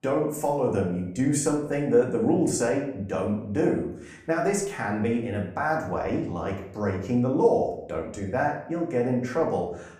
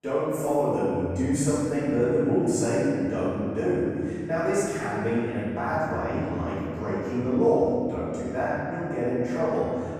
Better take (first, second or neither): first